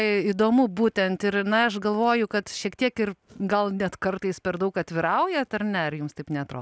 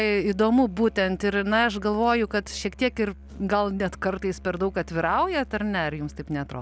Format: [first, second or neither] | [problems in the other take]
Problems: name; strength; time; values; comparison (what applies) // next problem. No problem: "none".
first | background sound (Musical instrument); 19 dB below the speech